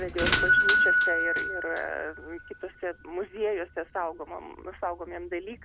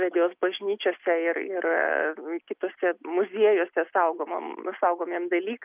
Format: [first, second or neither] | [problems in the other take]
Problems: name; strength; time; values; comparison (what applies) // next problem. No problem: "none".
second | background sound (Doorbell); 5 dB above the speech